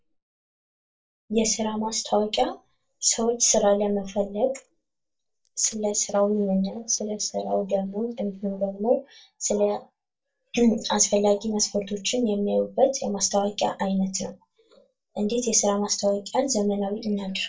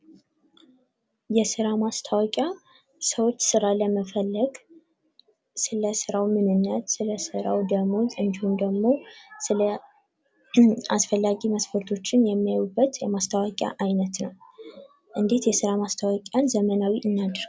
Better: second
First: noise reduction (neural mask model DeepFilterNet 3)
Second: none

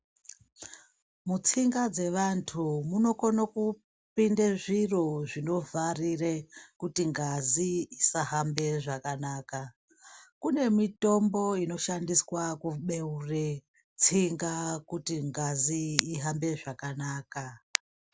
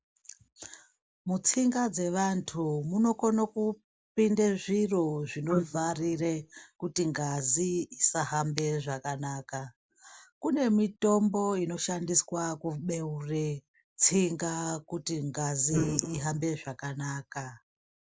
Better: first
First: none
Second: noise reduction (neural mask model Resemble Enhance denoiser)

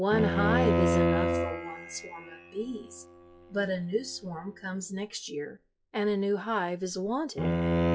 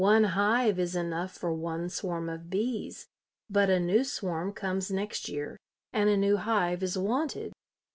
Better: second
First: noise reduction (classical method log-MMSE)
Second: none

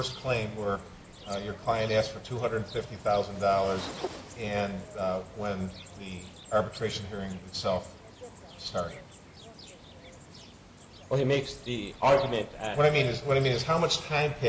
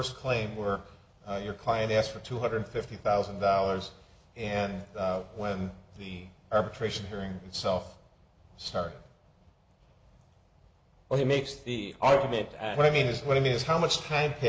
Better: second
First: background sound (Cricket); 16 dB below the speech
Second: none

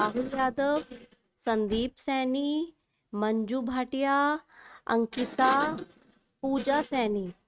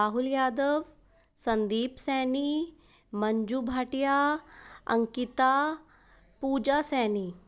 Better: second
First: noise reduction (neural mask model RNNoise)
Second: none

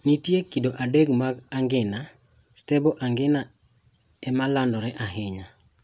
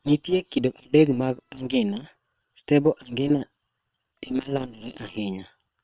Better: first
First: none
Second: noise reduction (neural separator model SepFormer WHAM!)

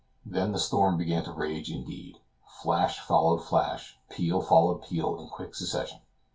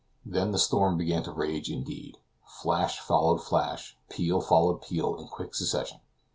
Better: second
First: room echo; dies away in 0.2 s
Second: none

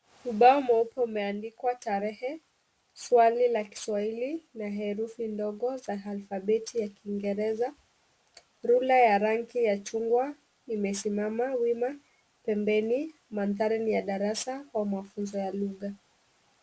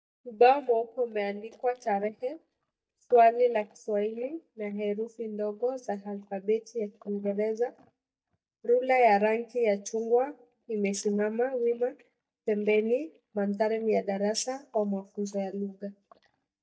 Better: first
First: none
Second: noise reduction (neural mask model DeepFilterNet 3)

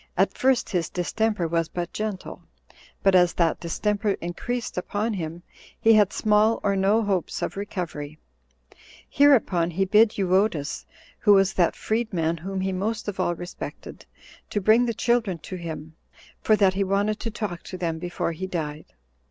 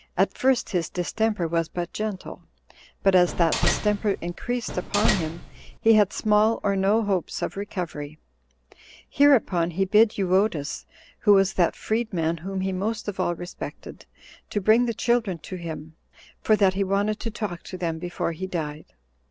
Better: first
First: none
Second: background sound (Slam); 3 dB below the speech

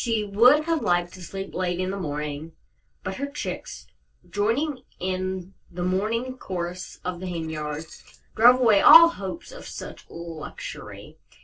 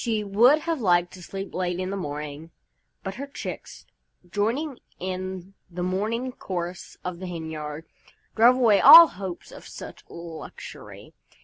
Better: second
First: noise reduction (neural separator model SepFormer DNS4)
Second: none

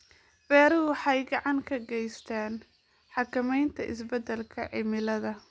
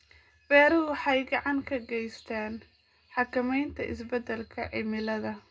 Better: first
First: none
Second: room echo; dies away in 0.2 s

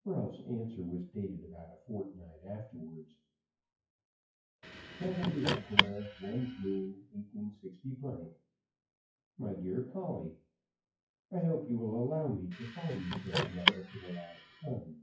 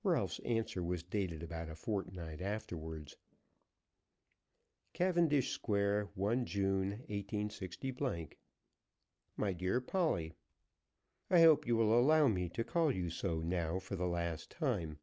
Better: second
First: noise reduction (classical method WPE with log-MMSE)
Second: none

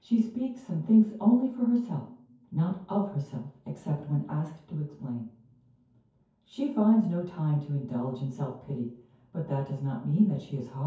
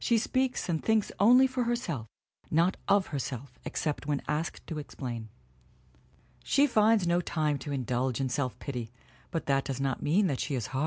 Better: second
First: room echo; dies away in 0.6 s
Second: none

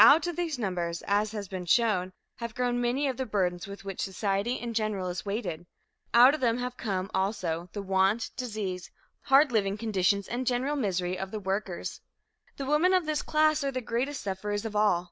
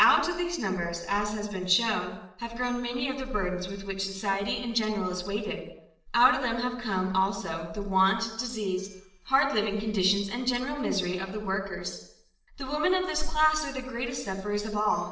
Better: first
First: none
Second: noise reduction (neural separator model SepFormer DNS4)

